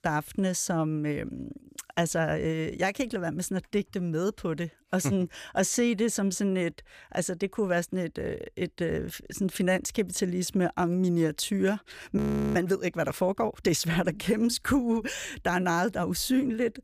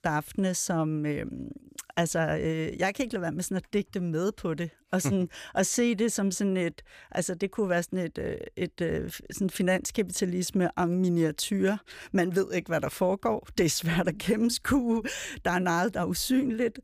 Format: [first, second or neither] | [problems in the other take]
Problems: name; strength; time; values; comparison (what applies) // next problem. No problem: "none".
second | audio freezing; at 12 s